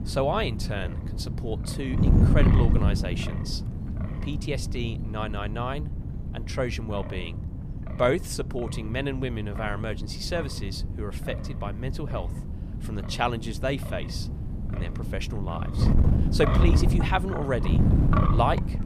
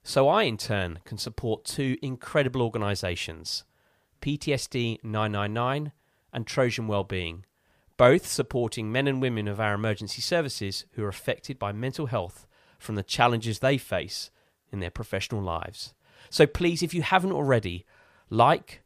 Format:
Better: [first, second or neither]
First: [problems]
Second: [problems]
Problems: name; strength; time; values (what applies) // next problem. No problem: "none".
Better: second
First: wind noise on the microphone; heavy; 6 dB below the speech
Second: none